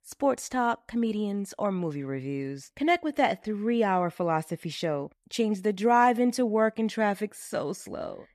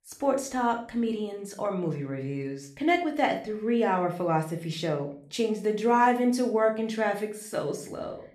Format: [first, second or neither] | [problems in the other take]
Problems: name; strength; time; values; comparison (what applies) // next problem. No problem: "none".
first | room echo; slight; dies away in 0.4 s